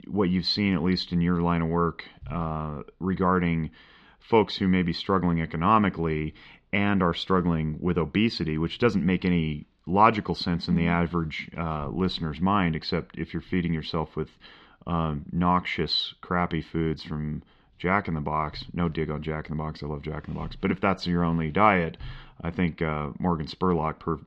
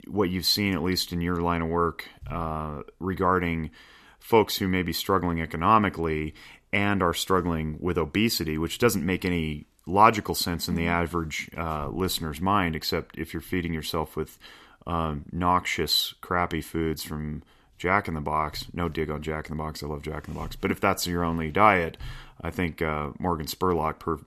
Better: second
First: muffled; very slightly; fading above 4 kHz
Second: none

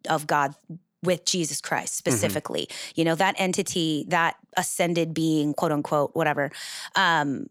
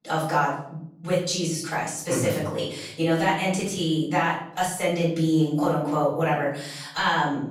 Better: first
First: none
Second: off-mic speech; far // room echo; noticeable; dies away in 0.7 s

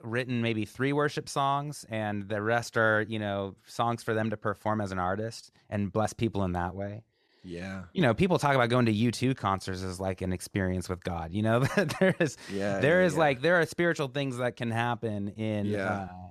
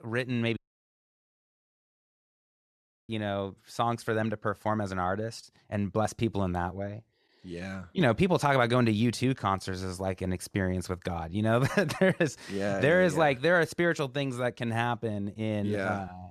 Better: first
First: none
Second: audio cutting out; at 0.5 s for 2.5 s

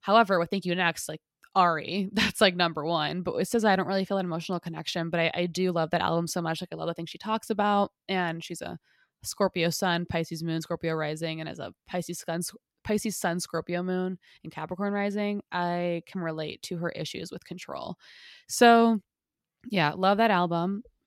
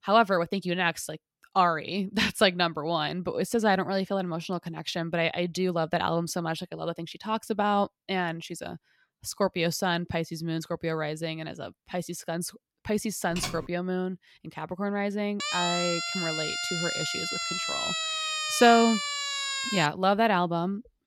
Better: first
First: none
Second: keyboard typing; noticeable; at 13 s; peak 7 dB below the speech // siren; loud; from 15 to 20 s; peak level with the speech

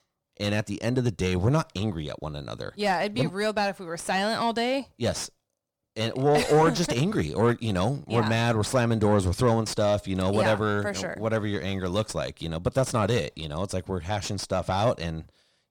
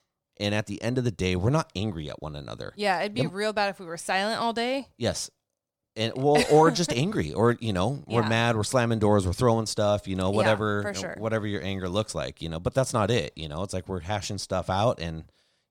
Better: second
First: distortion; slight; 10 dB below the speech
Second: none

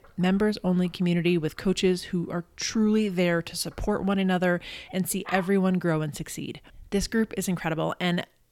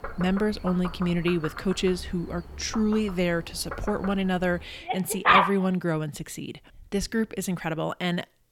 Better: first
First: animal sounds; faint; until 5.5 s; 20 dB below the speech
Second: animal sounds; loud; until 5.5 s; as loud as the speech

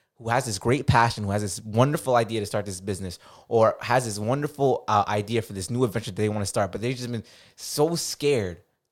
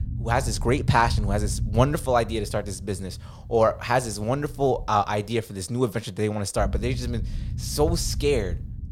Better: first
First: none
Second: low rumble; faint; throughout; 20 dB below the speech

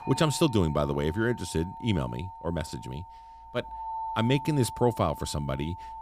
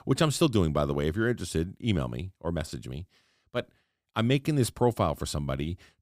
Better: second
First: alarms or sirens; noticeable; throughout; 10 dB below the speech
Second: none

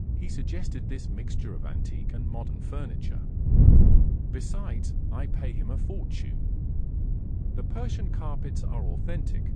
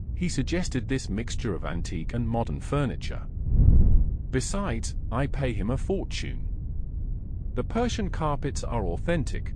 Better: second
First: wind noise on the microphone; heavy; 3 dB above the speech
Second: wind noise on the microphone; occasional gusts; 15 dB below the speech

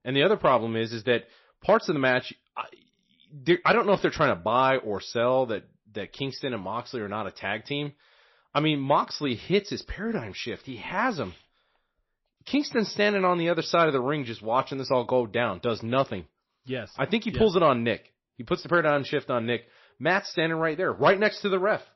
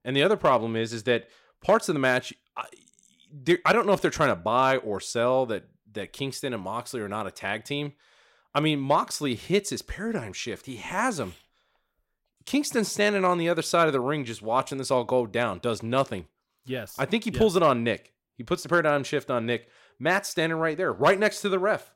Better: second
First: garbled, watery; slightly; nothing above 5.5 kHz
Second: none

